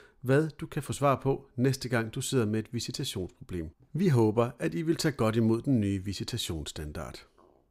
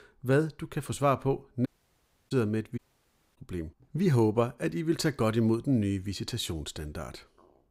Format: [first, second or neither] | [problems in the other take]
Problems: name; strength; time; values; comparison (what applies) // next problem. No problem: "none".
first | audio cutting out; at 1.5 s for 0.5 s and at 3 s for 0.5 s